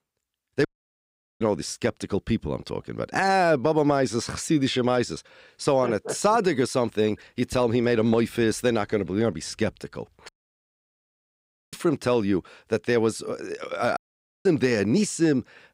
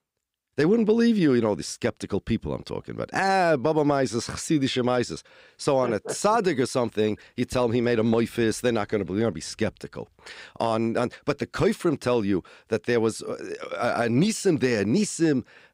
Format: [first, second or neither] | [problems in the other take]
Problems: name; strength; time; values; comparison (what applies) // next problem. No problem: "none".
second | audio cutting out; at 0.5 s for 0.5 s, at 10 s for 1.5 s and at 14 s